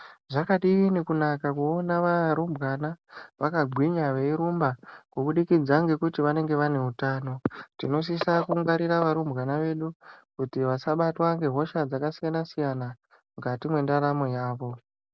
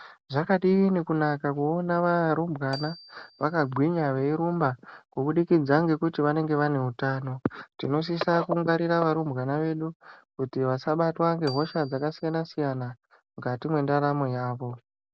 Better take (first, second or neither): first